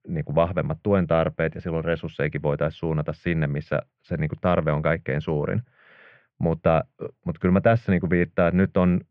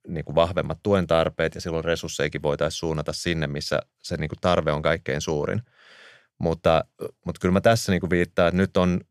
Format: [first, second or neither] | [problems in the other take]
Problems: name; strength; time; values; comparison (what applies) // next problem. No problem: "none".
second | muffled; very; fading above 2.5 kHz